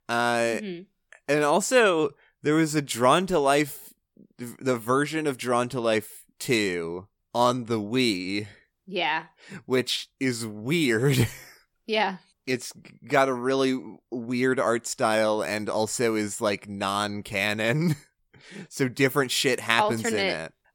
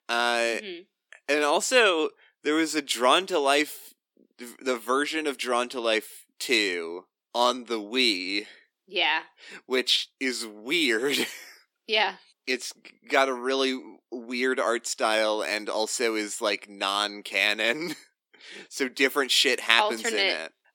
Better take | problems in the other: first | thin; very slightly; fading below 250 Hz

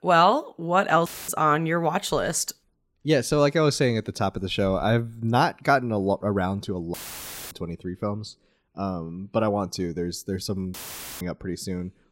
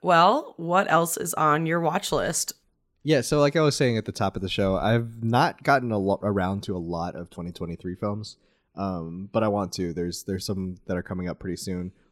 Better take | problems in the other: second | audio cutting out; filled with static; at 1 s, at 7 s for 0.5 s and at 11 s

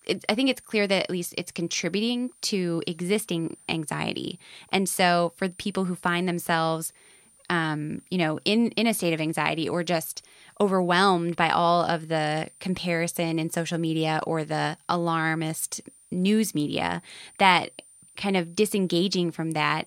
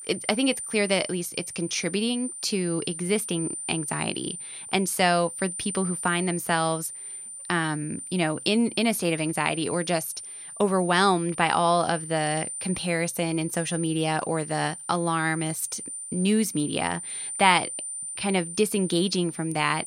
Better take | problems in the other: first | high-pitched whine; loud; throughout; 9 kHz, 8 dB below the speech; faint in the first

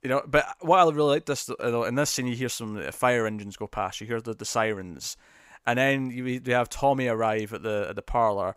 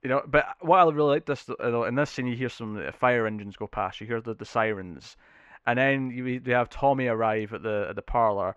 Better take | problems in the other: first | muffled; very; fading above 2.5 kHz

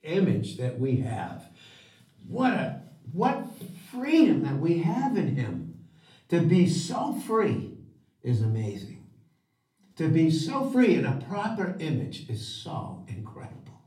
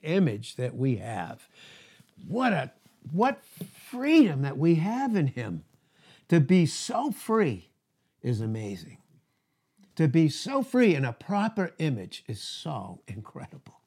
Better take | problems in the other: second | off-mic speech; far // room echo; slight; dies away in 0.4 s

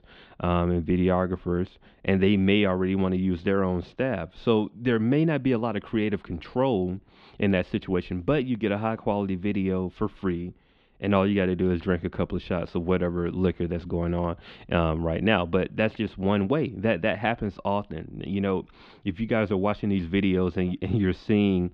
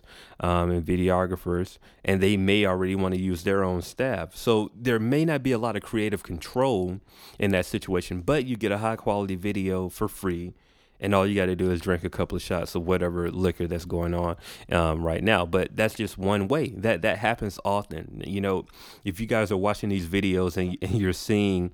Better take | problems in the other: second | muffled; slightly; fading above 3.5 kHz

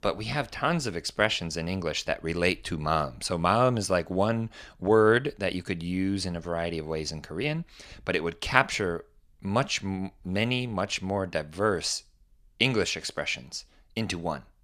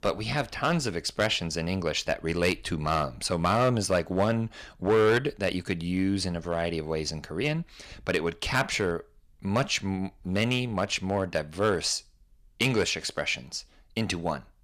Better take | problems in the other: first | distortion; slight; 2% of the sound clipped

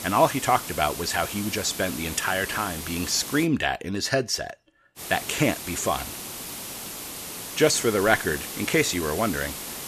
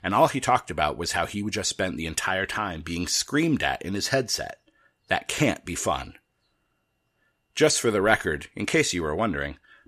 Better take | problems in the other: second | hiss; loud; until 3.5 s and from 5 s on; 8 dB below the speech

